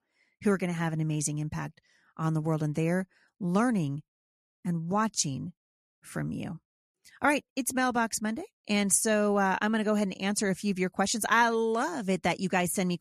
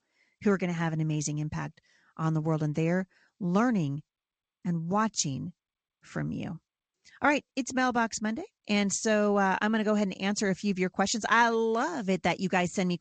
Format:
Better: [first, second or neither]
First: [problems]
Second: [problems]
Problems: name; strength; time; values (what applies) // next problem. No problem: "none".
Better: first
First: none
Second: garbled, watery; slightly; nothing above 7.5 kHz